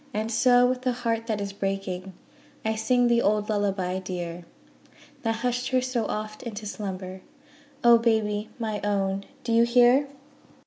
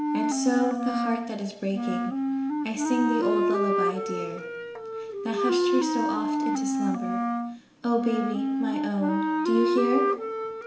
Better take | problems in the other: first | background sound (Wind instrument, woodwind instrument); 3 dB above the speech // room echo; dies away in 1 s

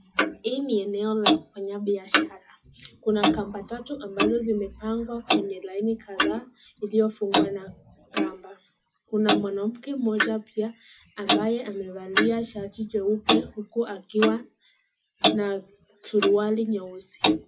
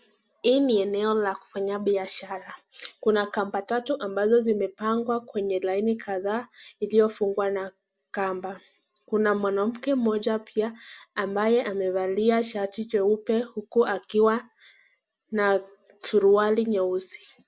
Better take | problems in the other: second | noise reduction (classical method WPE with log-MMSE)

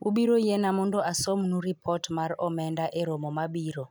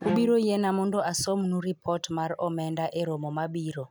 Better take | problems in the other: first | background sound (Bowed string instrument); 9 dB below the speech

